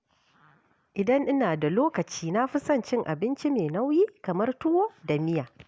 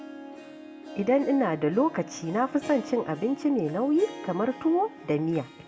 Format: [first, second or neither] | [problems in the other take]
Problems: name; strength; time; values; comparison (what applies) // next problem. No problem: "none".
first | background sound (Harp); 15 dB below the speech // room echo; dies away in 1.2 s